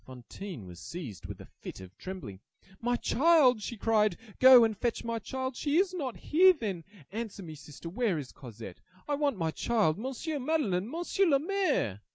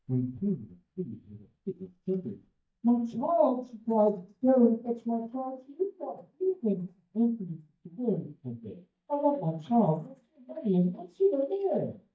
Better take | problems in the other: first | noise reduction (neural mask model DeepFilterNet 3)

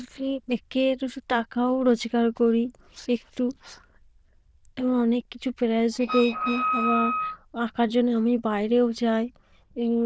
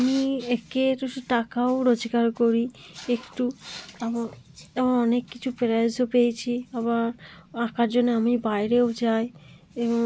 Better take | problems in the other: second | noise reduction (neural diffusion model UNIVERSE++)

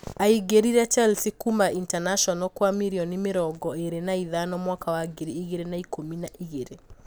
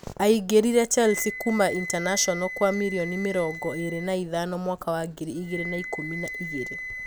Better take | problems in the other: first | background sound (Wind instrument, woodwind instrument); 11 dB below the speech

